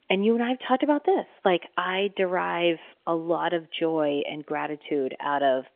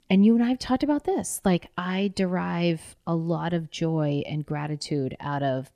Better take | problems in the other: second | phone-call audio; nothing above 3.5 kHz

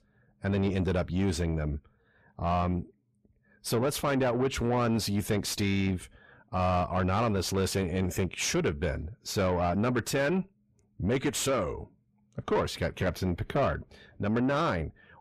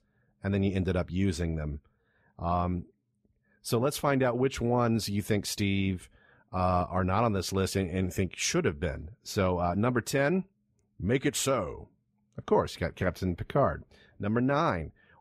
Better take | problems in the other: second | distortion; slight; 9 dB below the speech

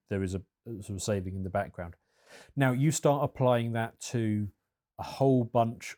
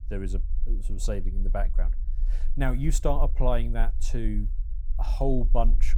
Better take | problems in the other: first | low rumble; faint; throughout; 20 dB below the speech

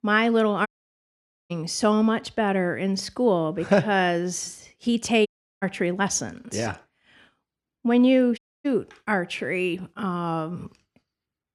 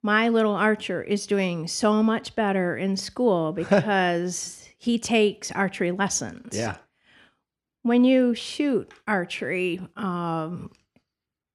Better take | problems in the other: second | audio cutting out; at 0.5 s for 1 s, at 5.5 s and at 8.5 s

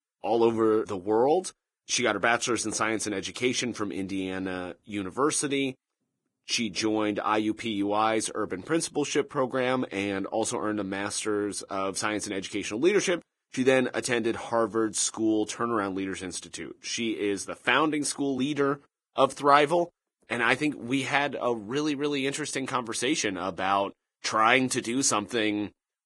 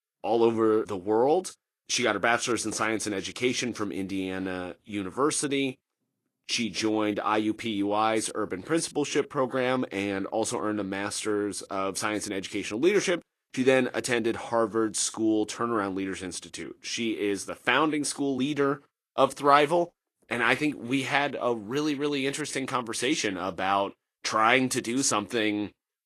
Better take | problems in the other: second | garbled, watery; badly; nothing above 10 kHz; slightly in the second

